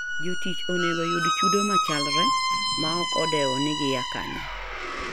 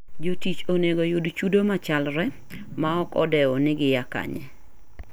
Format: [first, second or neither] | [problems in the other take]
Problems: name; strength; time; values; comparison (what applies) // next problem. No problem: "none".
second | background sound (Squeak); 2 dB above the speech